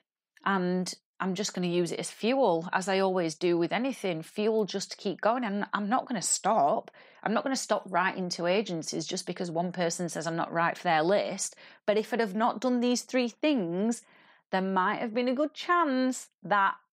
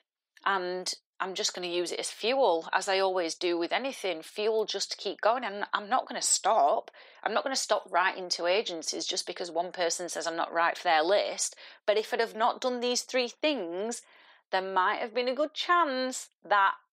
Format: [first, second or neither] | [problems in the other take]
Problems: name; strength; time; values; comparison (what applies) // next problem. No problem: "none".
first | thin; somewhat; fading below 350 Hz